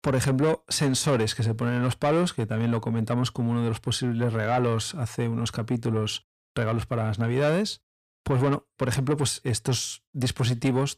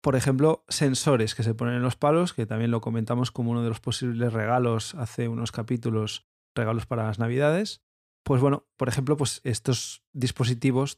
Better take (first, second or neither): second